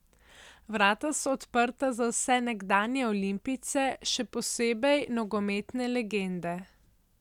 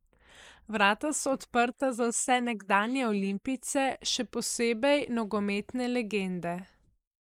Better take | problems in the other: first | noise reduction (neural mask model Resemble Enhance denoiser)

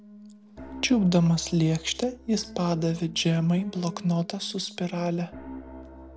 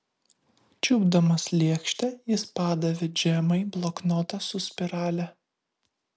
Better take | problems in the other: second | background sound (Piano); 17 dB below the speech

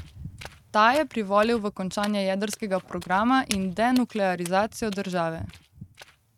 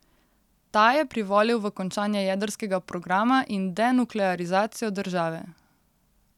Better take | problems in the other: second | noise reduction (neural mask model RNNoise)

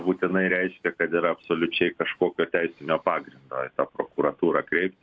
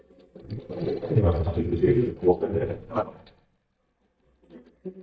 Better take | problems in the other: first | noise reduction (neural mask model DeepFilterNet 3)

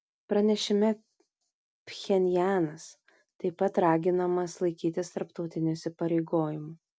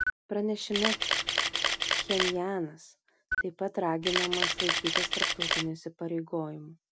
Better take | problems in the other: first | background sound (Camera); 3 dB above the speech

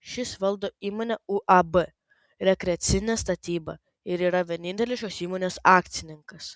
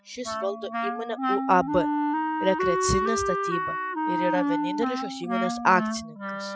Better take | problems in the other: first | noise reduction (classical method spectral subtraction)

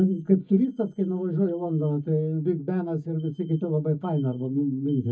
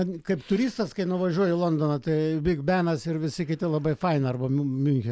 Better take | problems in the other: second | noise reduction (neural mask model DeepFilterNet 3)

